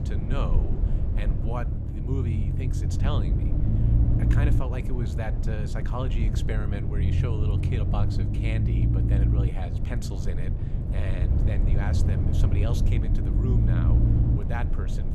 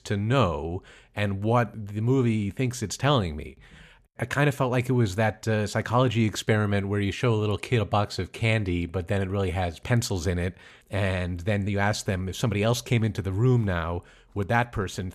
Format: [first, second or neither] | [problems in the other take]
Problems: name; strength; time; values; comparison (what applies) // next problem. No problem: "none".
second | low rumble; loud; throughout; as loud as the speech